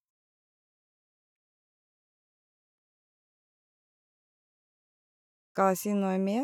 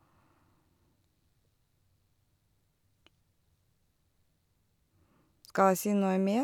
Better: second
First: noise reduction (neural mask model DeepFilterNet 3)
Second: none

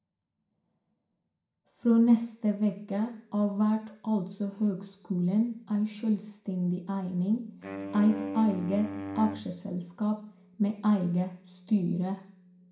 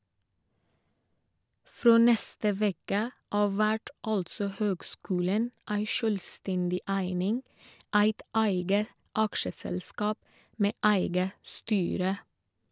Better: second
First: background sound (Wind instrument, woodwind instrument); 9 dB below the speech // room echo; dies away in 0.5 s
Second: none

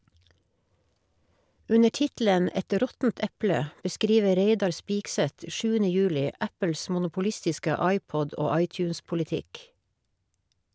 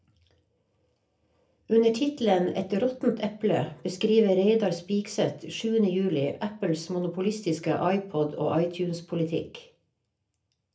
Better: first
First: none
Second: room echo; dies away in 0.3 s

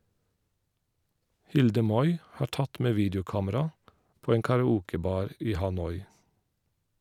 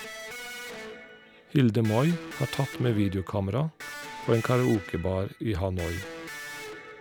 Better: first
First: none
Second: background sound (Electric guitar); 13 dB below the speech

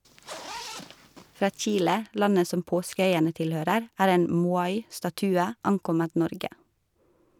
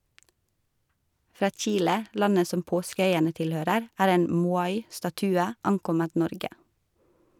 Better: second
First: background sound (Zipper (clothing)); 16 dB below the speech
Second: none

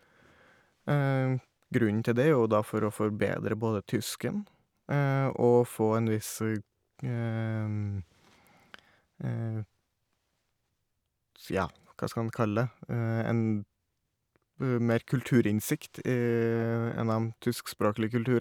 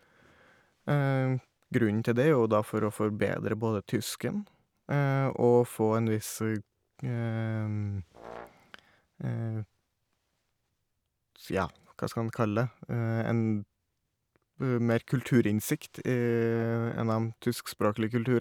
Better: first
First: none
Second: background sound (Brass instrument); 20 dB below the speech

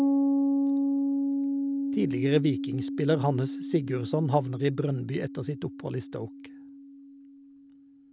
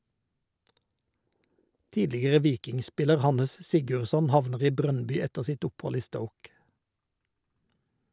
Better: second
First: background sound (Piano); as loud as the speech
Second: none

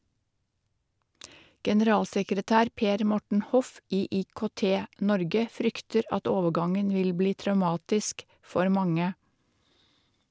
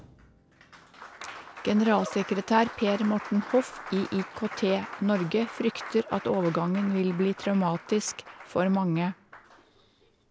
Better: first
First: none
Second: background sound (Applause); 15 dB below the speech

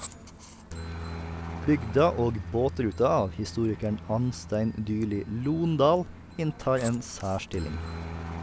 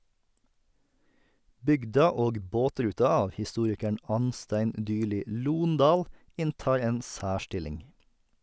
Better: second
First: background sound (Aircraft); 11 dB below the speech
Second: none

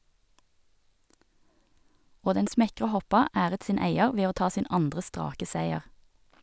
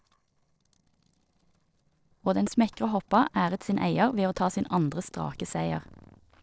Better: first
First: none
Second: noise reduction (neural separator model SepFormer DNS4)

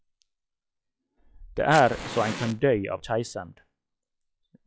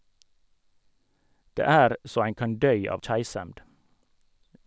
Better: second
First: noise reduction (classical method log-MMSE)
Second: none

